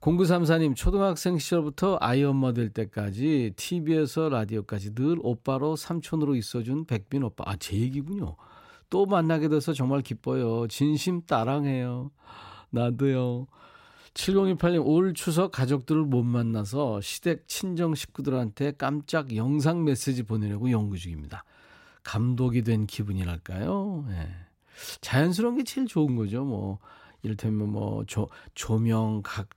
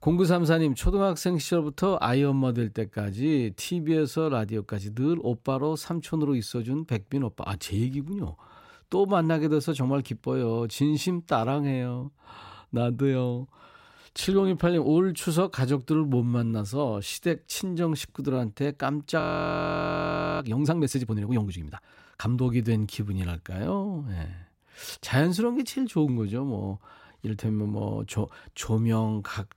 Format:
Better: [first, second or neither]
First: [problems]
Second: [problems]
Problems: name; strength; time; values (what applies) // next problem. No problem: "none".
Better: first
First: none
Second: audio freezing; at 19 s for 1 s